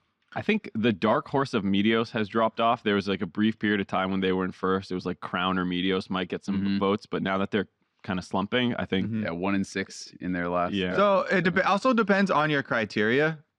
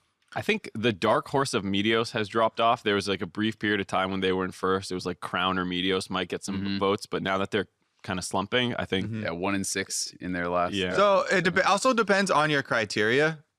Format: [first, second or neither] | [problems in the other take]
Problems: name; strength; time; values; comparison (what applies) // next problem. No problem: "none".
second | muffled; very slightly; fading above 3.5 kHz